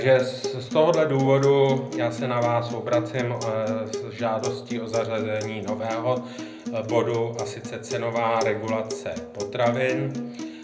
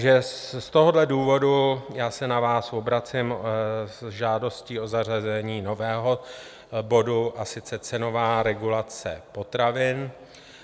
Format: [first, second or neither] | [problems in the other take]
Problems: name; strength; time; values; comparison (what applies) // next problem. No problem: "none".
second | background sound (Acoustic guitar); 9 dB below the speech // room echo; dies away in 0.4 s